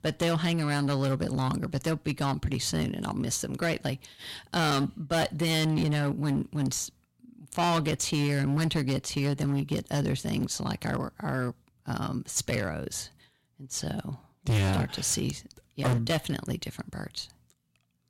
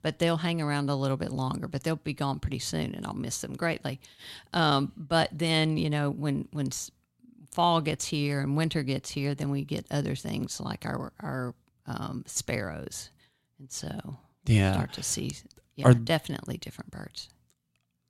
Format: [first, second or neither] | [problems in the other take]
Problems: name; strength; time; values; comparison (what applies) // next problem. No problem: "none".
second | distortion; heavy; 9% of the sound clipped